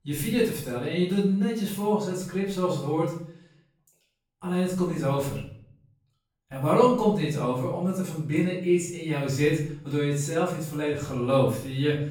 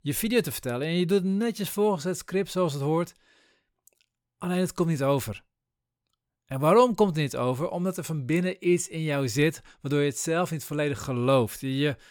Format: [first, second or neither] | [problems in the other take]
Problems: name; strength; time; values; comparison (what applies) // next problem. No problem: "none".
second | off-mic speech; far // room echo; noticeable; dies away in 0.5 s